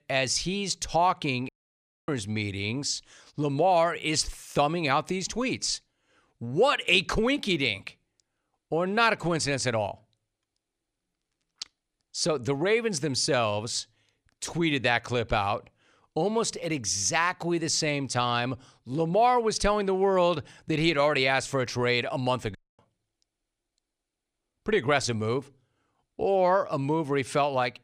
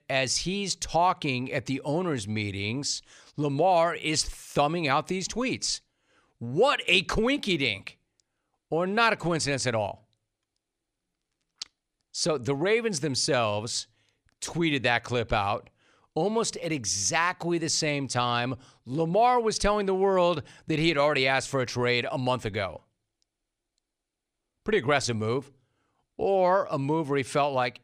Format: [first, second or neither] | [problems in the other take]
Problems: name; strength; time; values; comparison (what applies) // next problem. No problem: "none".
second | audio cutting out; at 1.5 s for 0.5 s and at 23 s